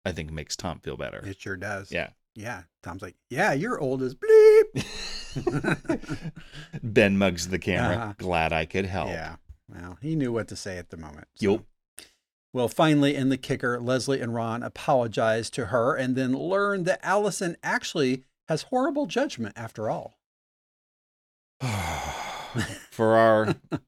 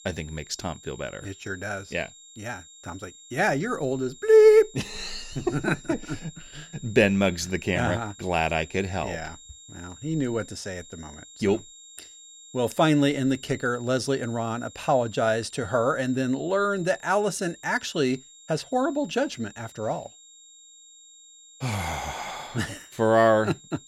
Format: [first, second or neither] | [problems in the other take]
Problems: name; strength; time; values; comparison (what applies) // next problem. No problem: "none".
first | high-pitched whine; faint; throughout; 7.5 kHz, 20 dB below the speech